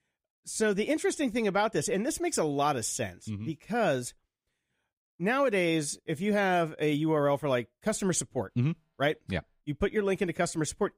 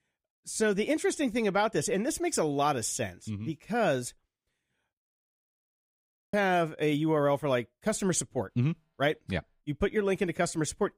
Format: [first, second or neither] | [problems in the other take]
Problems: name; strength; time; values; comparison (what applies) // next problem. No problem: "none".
first | audio freezing; at 5 s for 1.5 s